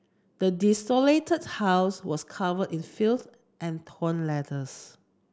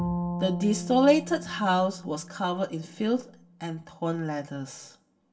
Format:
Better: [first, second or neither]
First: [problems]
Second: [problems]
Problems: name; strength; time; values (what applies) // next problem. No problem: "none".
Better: first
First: none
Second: background sound (Bowed string instrument); 10 dB below the speech // room echo; dies away in 0.2 s